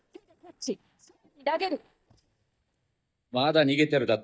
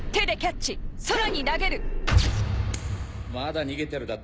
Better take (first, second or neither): second